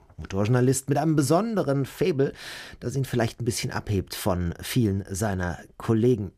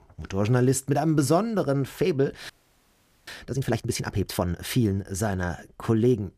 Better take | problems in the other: first | audio freezing; at 2.5 s for 1 s

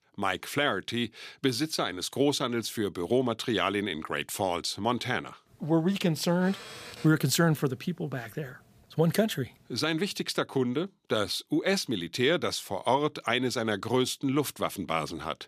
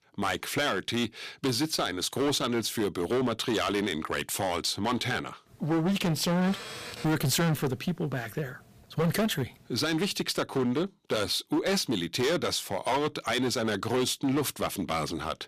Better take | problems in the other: first | distortion; heavy; 13% of the sound clipped

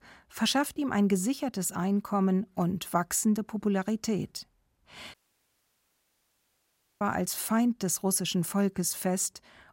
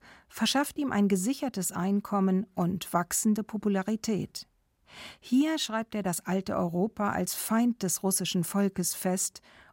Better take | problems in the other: second | audio cutting out; at 5 s for 2 s

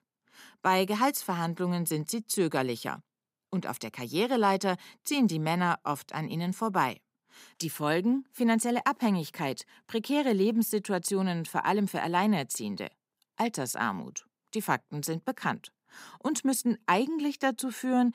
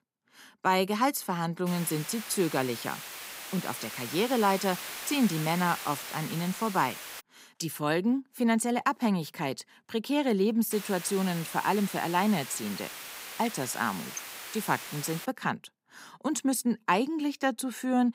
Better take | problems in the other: first | hiss; loud; from 1.5 to 7 s and from 11 to 15 s; 9 dB below the speech

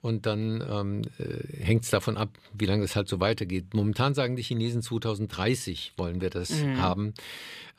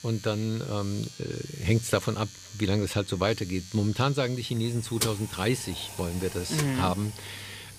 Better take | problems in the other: first | household noises; noticeable; throughout; 10 dB below the speech

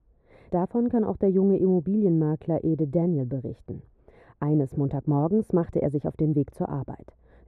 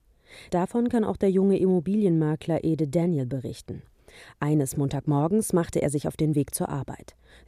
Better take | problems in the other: second | muffled; very; fading above 2 kHz

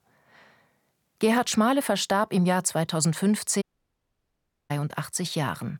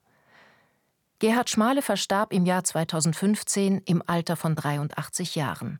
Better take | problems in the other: second | audio cutting out; at 3.5 s for 1 s

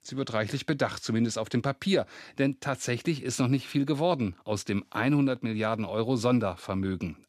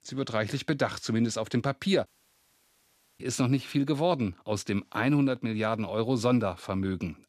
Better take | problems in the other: first | audio cutting out; at 2 s for 1 s

